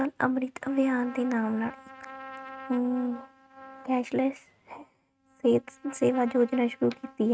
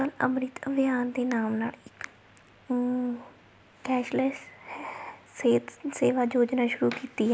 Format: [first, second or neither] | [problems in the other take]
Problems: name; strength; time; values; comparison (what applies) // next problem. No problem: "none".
second | noise reduction (neural mask model RNNoise)